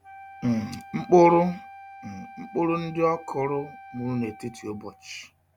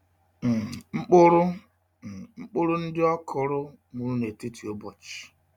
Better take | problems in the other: second | background sound (Wind instrument, woodwind instrument); 19 dB below the speech

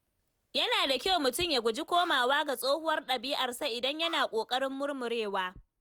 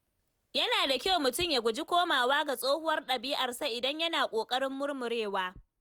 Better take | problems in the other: second | background sound (Alarm); 20 dB below the speech

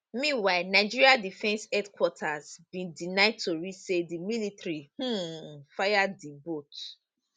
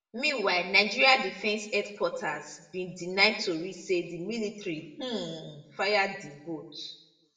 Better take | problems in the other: first | room echo; dies away in 0.8 s

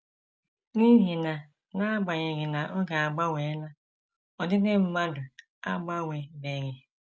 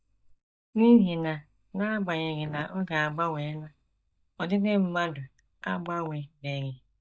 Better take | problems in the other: first | noise reduction (neural mask model DeepFilterNet 3)

